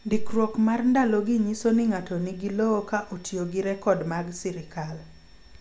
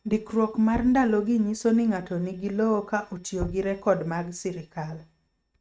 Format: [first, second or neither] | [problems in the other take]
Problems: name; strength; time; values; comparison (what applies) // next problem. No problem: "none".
first | noise reduction (neural mask model RNNoise)